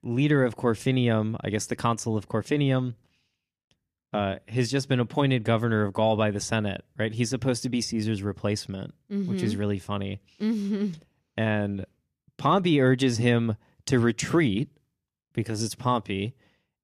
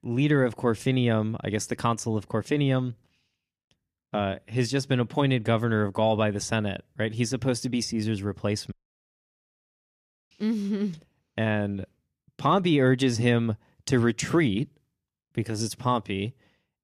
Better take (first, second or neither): first